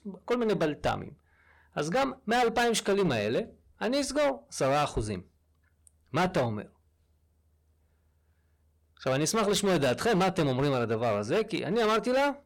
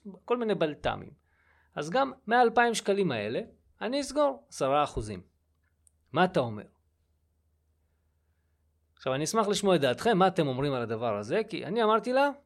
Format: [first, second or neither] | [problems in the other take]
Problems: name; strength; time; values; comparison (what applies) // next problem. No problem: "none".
second | distortion; heavy; 12% of the sound clipped